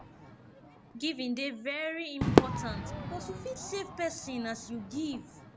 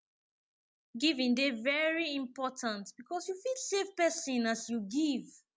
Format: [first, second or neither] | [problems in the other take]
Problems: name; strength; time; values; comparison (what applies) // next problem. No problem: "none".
second | background sound (Crowd / Fireworks); 3 dB above the speech